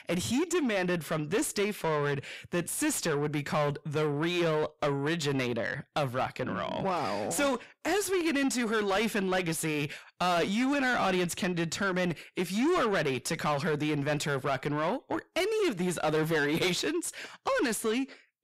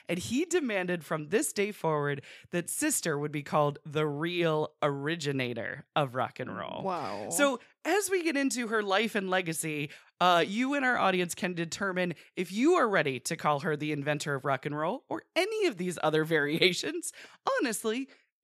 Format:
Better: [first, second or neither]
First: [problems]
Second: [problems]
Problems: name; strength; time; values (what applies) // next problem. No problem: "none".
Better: second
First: distortion; heavy; 7 dB below the speech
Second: none